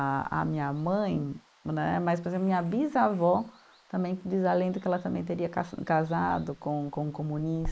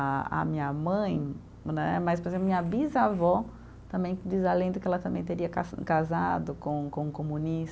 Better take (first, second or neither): second